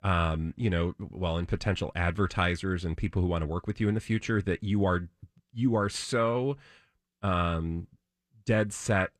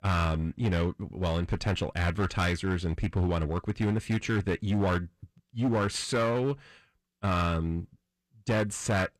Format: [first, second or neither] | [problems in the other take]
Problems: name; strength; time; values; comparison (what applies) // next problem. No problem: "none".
first | distortion; slight; 11% of the sound clipped